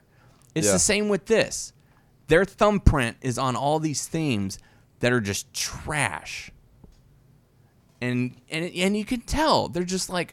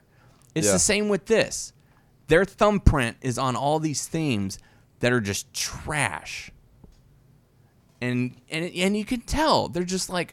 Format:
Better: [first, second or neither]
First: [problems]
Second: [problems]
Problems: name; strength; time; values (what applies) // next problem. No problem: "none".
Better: neither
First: none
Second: none